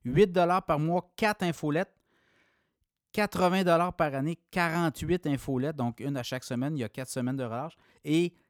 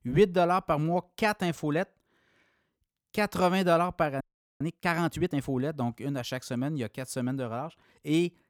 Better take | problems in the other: first | audio freezing; at 4 s

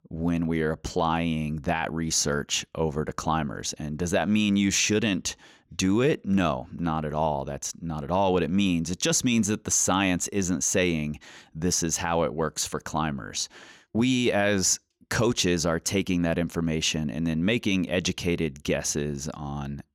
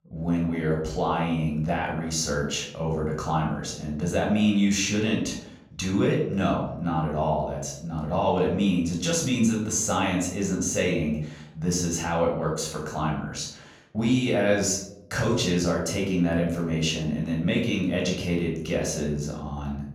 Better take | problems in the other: first | off-mic speech; far // room echo; noticeable; dies away in 0.6 s

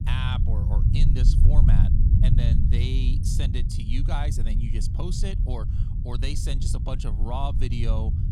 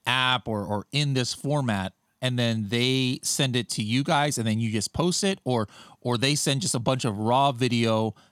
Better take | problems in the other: second | low rumble; loud; throughout; 3 dB below the speech

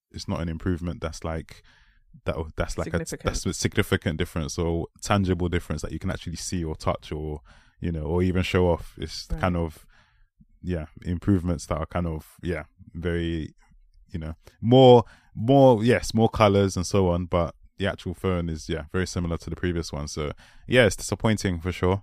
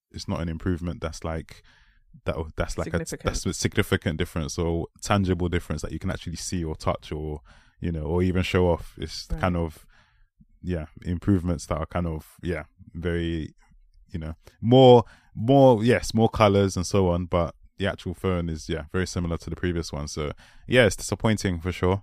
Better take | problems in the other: neither | none

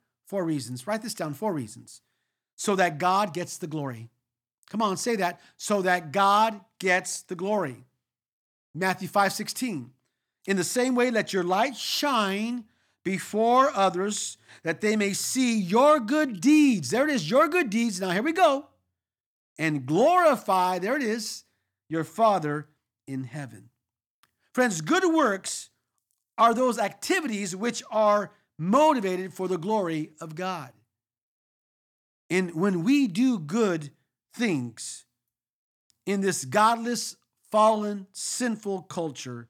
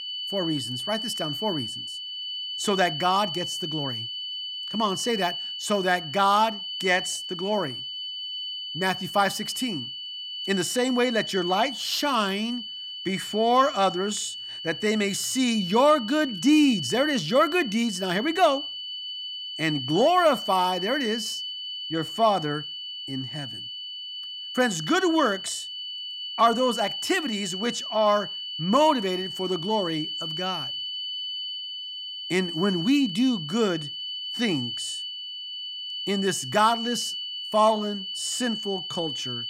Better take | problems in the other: first | high-pitched whine; loud; throughout; 3 kHz, 6 dB below the speech

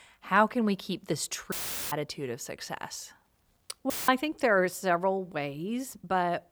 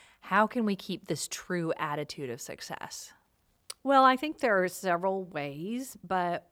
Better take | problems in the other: second | audio cutting out; filled with static; at 1.5 s and at 4 s

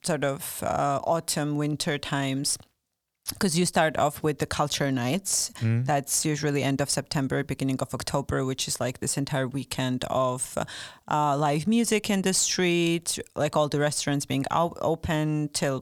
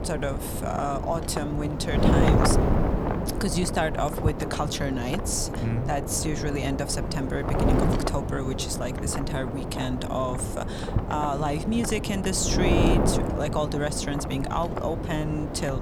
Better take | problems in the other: first | wind noise on the microphone; heavy; 2 dB below the speech

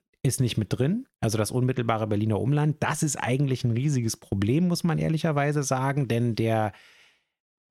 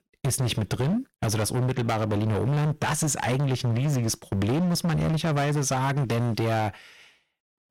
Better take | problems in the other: first | distortion; heavy; 26% of the sound clipped

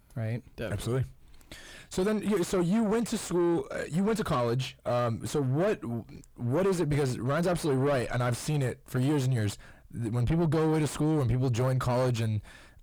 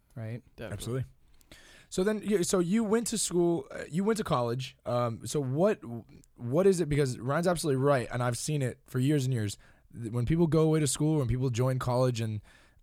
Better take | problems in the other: second | distortion; heavy; 7 dB below the speech

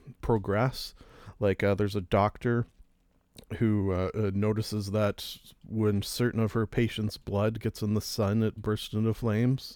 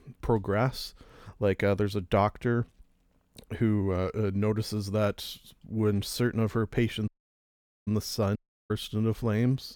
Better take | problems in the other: first | audio cutting out; at 7 s for 1 s and at 8.5 s

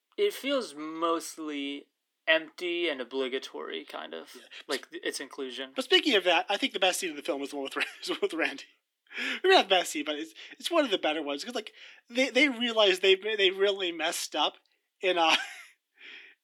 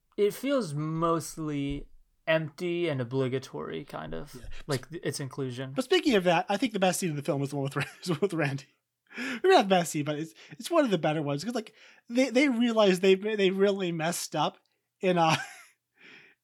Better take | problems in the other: second | thin; very slightly; fading below 250 Hz

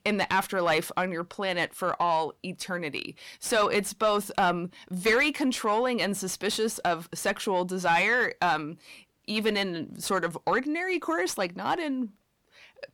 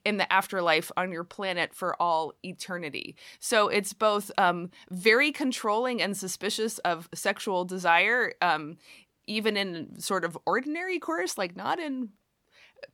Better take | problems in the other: second | distortion; slight; 10 dB below the speech

